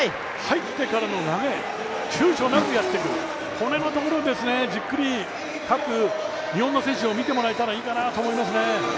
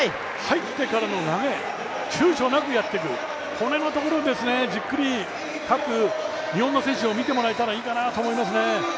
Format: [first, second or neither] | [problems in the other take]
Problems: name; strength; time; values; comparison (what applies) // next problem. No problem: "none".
second | background sound (Motorcycle / Engine); 11 dB below the speech